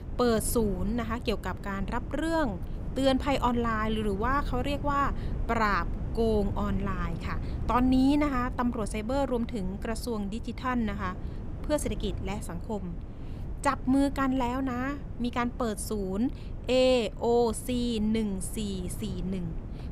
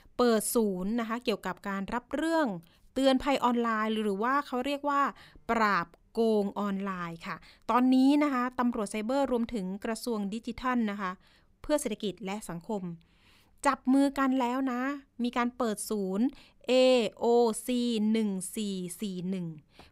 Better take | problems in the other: second | wind noise on the microphone; occasional gusts; 20 dB below the speech

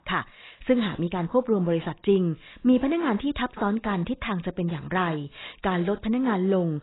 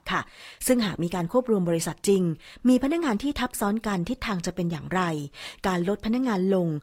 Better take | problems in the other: second | garbled, watery; badly; nothing above 4 kHz; slightly in the second

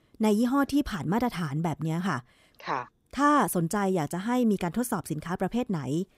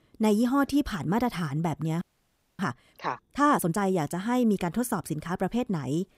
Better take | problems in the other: first | audio freezing; at 2 s for 0.5 s

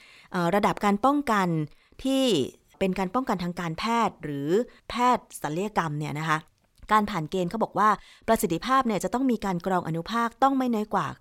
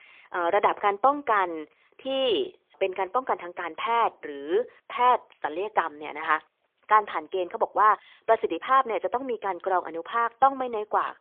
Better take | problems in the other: first | phone-call audio; poor line; nothing above 3.5 kHz

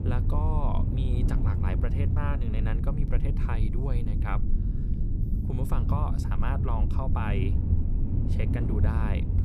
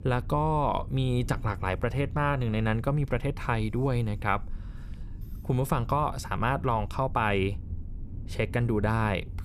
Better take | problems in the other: second | low rumble; loud; throughout; 4 dB below the speech; faint in the second

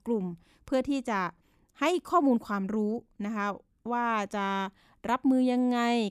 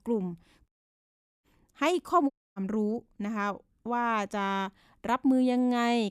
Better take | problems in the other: first | audio cutting out; at 0.5 s for 0.5 s and at 2.5 s

